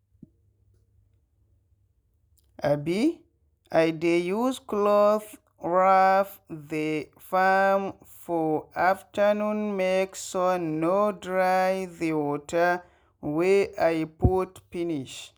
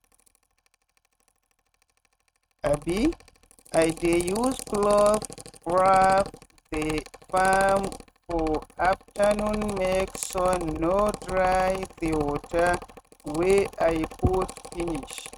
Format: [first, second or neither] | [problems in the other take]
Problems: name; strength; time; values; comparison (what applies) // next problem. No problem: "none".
first | noise reduction (neural mask model RNNoise)